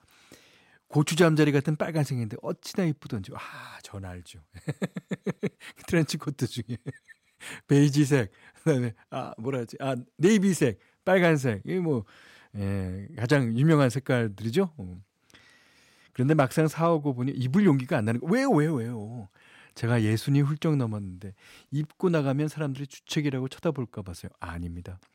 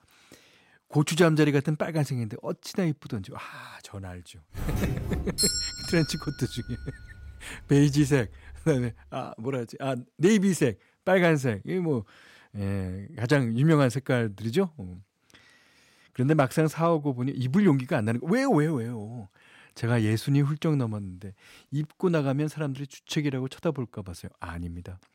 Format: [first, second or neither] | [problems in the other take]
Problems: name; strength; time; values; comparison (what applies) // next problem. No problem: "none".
first | doorbell; loud; from 4.5 to 8.5 s; peak 2 dB above the speech